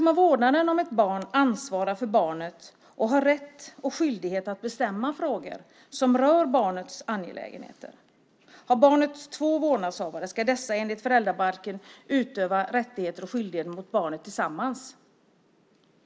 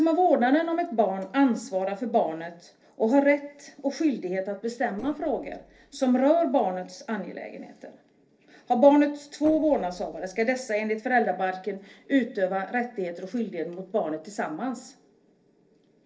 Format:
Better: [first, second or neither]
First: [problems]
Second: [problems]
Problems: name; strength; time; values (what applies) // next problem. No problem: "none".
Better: first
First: none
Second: noise reduction (neural separator model SepFormer DNS4)